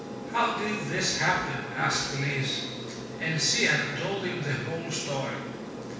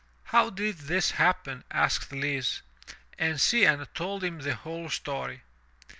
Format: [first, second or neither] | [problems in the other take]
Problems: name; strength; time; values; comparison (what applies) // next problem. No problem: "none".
second | background sound (Aircraft); 8 dB below the speech // room echo; dies away in 1.1 s